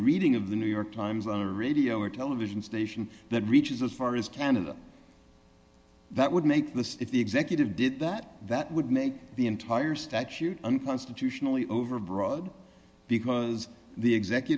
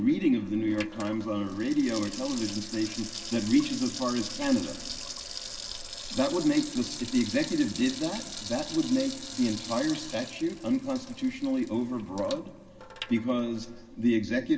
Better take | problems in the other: first | background sound (Sink (filling or washing) / Water tap, faucet); 11 dB below the speech // room echo; dies away in 1.7 s

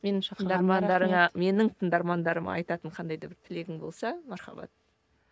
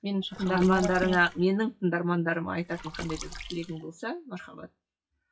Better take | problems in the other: first | noise reduction (classical method WPE with log-MMSE)

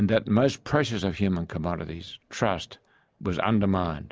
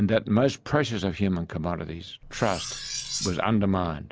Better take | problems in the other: first | background sound (Cutlery, silverware); 9 dB below the speech

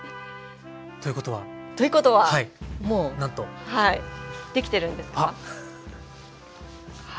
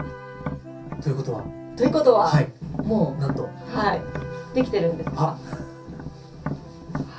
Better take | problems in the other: first | background sound (Tap); 10 dB below the speech // room echo; dies away in 0.3 s

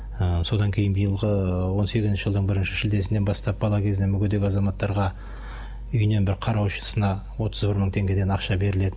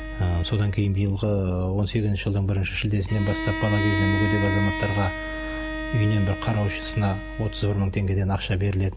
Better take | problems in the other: first | background sound (Bowed string instrument); 9 dB below the speech

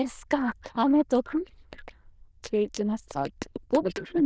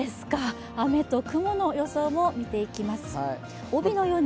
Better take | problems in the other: second | noise reduction (neural diffusion model UNIVERSE++)

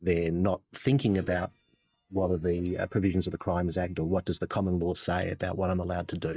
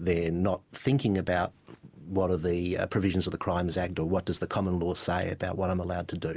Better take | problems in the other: second | noise reduction (neural mask model DeepFilterNet 3)

